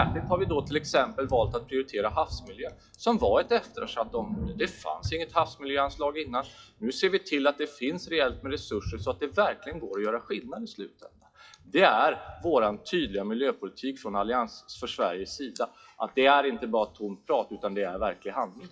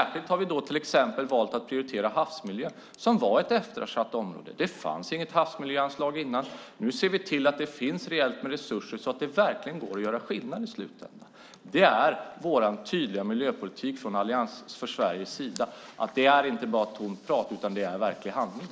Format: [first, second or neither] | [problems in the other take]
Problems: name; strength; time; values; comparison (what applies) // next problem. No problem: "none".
second | noise reduction (classical method WPE with log-MMSE)